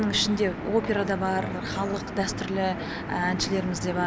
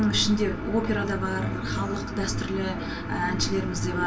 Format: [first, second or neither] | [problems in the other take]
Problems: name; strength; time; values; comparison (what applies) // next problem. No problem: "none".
first | room echo; dies away in 0.2 s